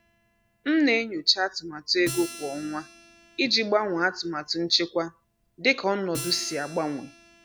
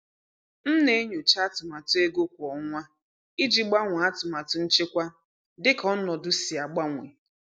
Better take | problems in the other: second | background sound (Acoustic guitar); 17 dB below the speech

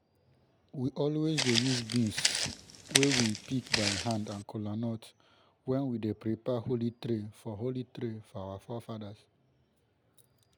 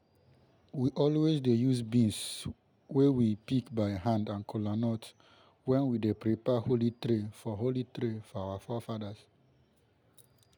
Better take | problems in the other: second | background sound (Walk, footsteps); 1 dB above the speech

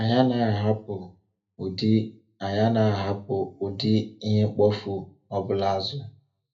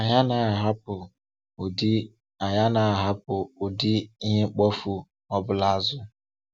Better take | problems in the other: second | room echo; dies away in 0.3 s

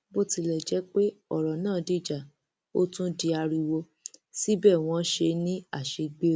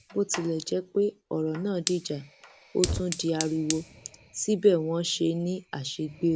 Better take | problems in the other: first | background sound (Fire); 11 dB below the speech

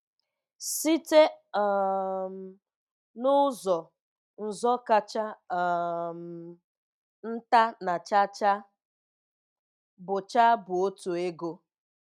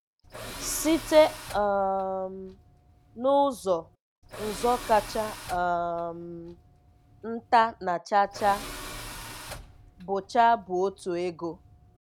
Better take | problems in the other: first | background sound (Tools); 15 dB below the speech

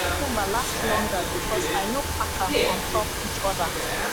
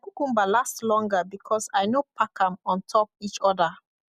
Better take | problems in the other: second | background sound (Domestic sounds, home sounds + Subway, metro, underground); 3 dB above the speech

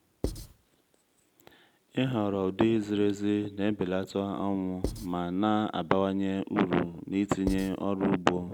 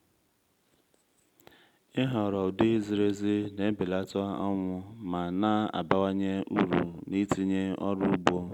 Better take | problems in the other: second | background sound (Writing); 8 dB below the speech

